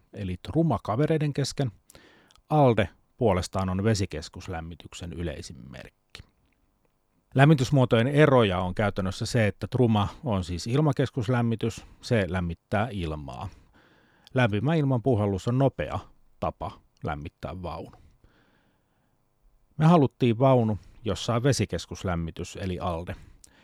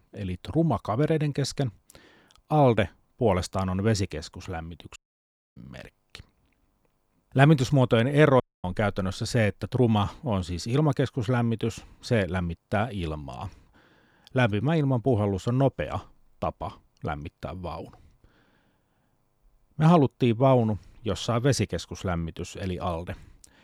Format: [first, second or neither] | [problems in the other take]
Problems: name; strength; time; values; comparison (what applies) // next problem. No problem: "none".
first | audio cutting out; at 5 s for 0.5 s and at 8.5 s